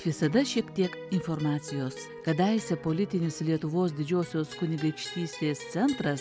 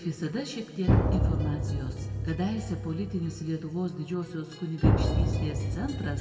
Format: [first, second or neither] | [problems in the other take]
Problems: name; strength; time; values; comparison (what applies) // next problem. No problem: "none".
first | background sound (Drum); 4 dB above the speech // room echo; dies away in 1.7 s